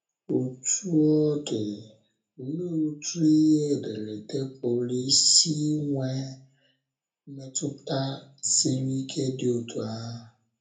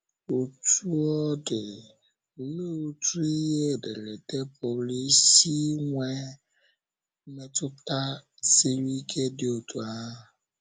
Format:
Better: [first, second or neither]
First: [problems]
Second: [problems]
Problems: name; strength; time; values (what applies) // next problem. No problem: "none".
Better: second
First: room echo; dies away in 0.3 s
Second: none